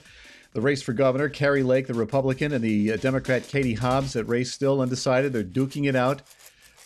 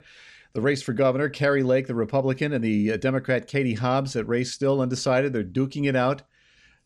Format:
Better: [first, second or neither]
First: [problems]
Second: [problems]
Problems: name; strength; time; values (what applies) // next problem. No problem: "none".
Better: second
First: background music; faint; throughout; 25 dB below the speech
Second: none